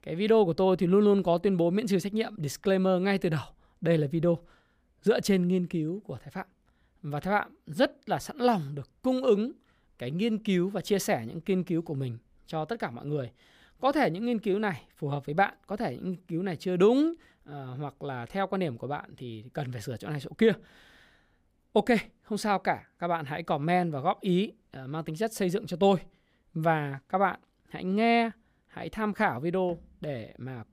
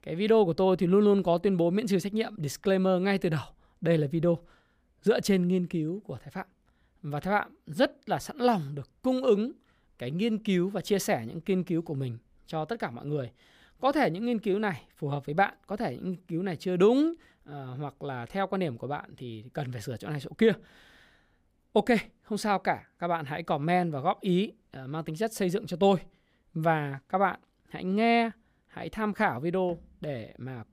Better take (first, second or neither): neither